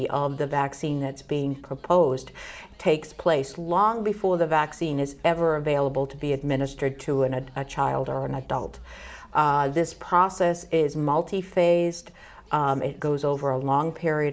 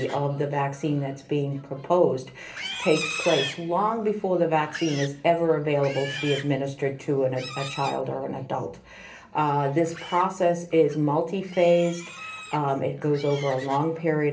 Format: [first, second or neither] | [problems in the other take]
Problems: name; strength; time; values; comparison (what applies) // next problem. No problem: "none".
first | background sound (Livestock, farm animals, working animals); 14 dB below the speech // room echo; dies away in 0.3 s